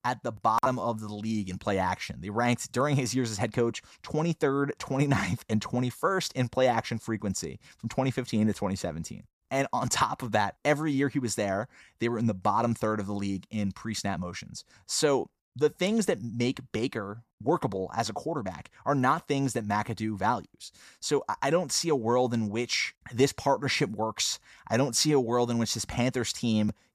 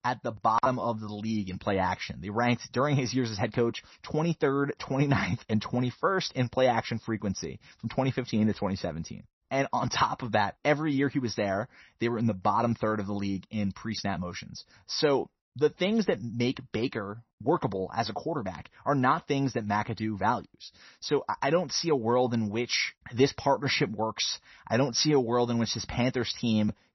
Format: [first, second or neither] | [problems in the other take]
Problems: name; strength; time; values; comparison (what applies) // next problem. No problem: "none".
first | garbled, watery; slightly; nothing above 6 kHz